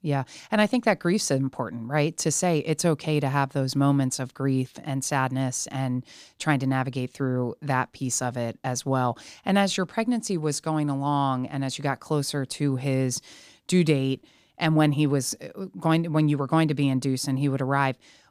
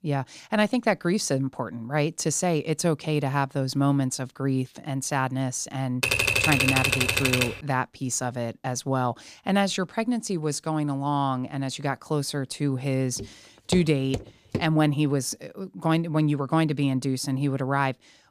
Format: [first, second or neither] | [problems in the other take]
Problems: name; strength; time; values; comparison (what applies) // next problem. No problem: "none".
first | keyboard typing; loud; from 6 to 7.5 s; peak 6 dB above the speech // footsteps; noticeable; from 13 to 15 s; peak 8 dB below the speech